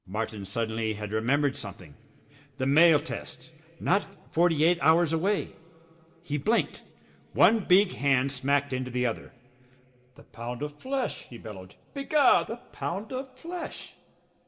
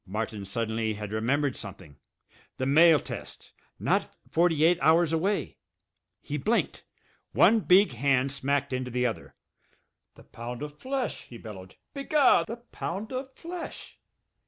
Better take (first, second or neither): second